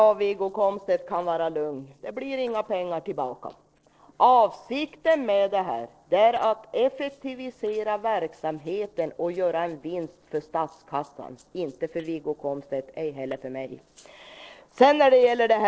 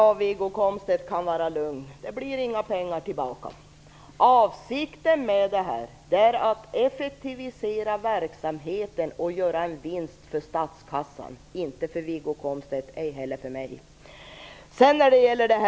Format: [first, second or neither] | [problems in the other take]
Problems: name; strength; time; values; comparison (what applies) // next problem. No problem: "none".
second | noise reduction (neural separator model SepFormer DNS4)